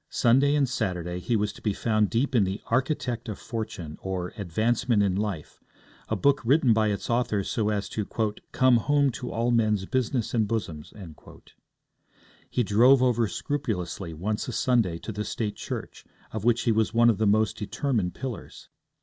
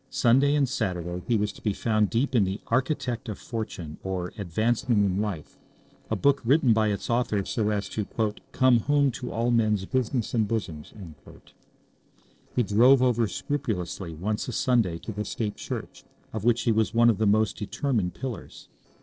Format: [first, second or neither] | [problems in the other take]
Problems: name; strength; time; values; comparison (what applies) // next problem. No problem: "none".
first | noise reduction (neural separator model SepFormer DNS4)